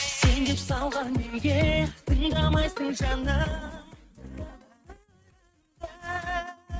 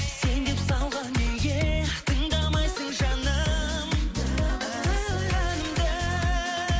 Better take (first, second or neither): second